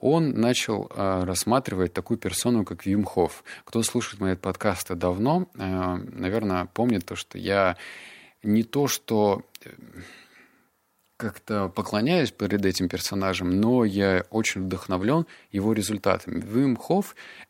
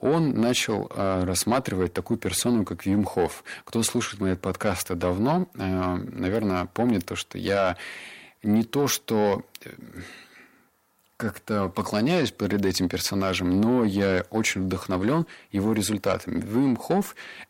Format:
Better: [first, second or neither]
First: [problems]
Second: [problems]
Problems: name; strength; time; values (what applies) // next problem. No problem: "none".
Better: first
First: none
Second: distortion; slight; 10 dB below the speech